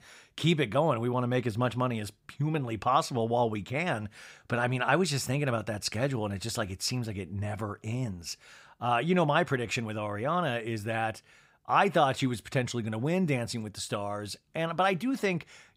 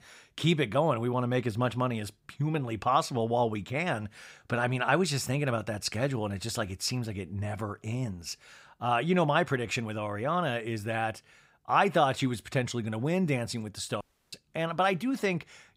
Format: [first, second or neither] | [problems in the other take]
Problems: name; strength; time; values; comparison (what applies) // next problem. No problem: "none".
first | audio cutting out; at 14 s